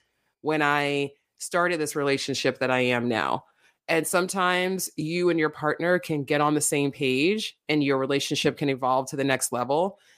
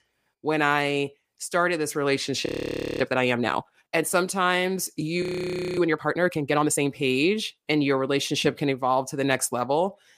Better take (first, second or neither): first